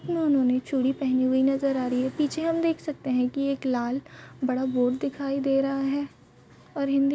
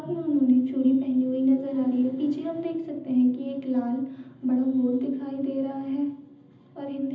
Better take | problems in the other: first | room echo; dies away in 0.8 s

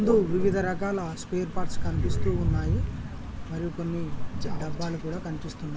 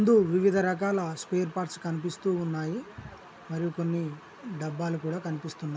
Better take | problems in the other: second | background sound (Crow); 2 dB above the speech

